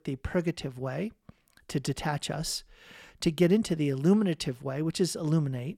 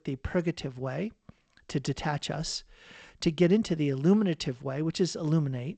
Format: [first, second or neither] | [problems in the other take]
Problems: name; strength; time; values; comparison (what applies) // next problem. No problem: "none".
first | garbled, watery; slightly; nothing above 8 kHz